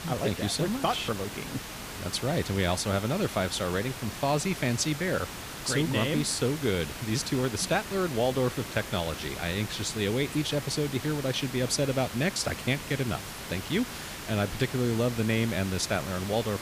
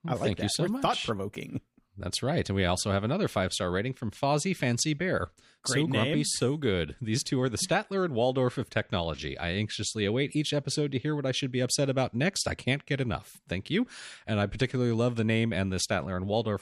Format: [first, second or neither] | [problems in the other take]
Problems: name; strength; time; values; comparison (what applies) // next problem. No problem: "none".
second | hiss; loud; throughout; 9 dB below the speech